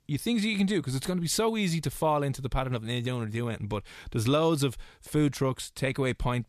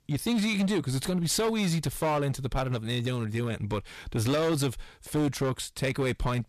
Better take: first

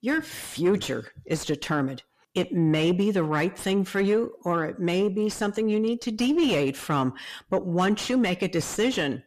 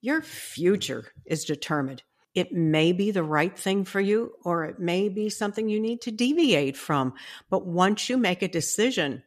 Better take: second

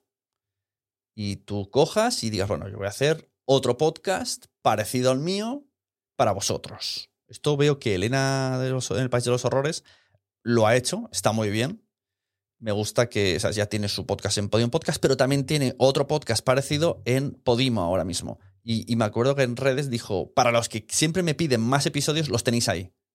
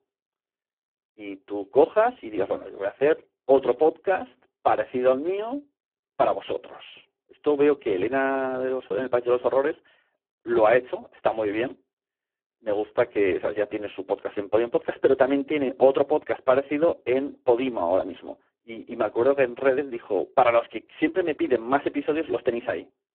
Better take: first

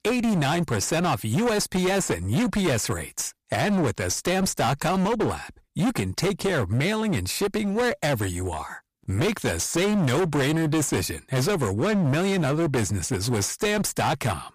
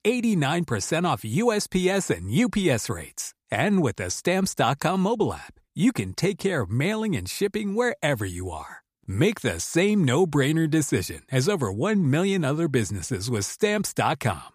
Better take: second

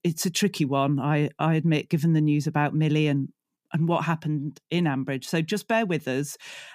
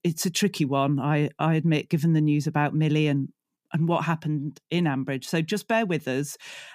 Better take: neither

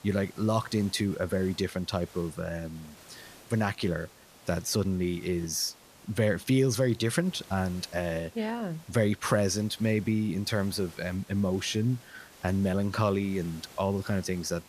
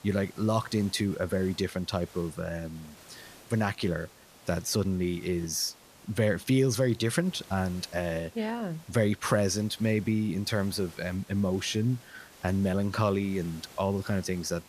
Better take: neither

